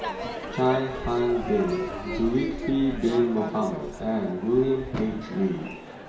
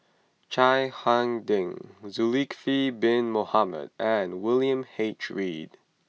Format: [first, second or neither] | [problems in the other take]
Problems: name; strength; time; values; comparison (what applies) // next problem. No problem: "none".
second | background sound (Crowd / Fireworks); 8 dB below the speech // room echo; dies away in 0.6 s